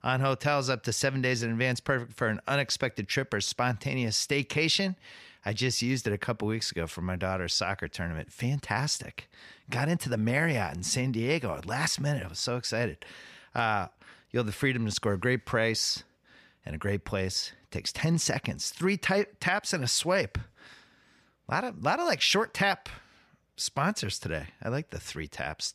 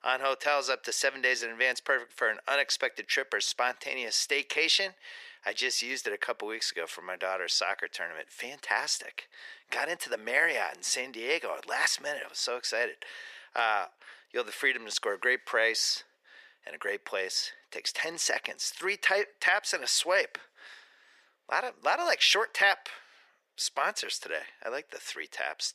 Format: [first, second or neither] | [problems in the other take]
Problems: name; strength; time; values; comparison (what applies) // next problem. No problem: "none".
first | thin; very; fading below 400 Hz